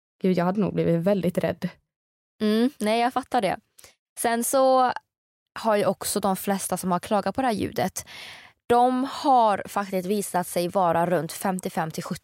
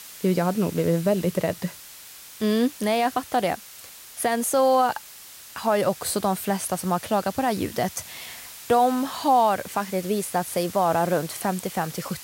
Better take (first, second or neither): first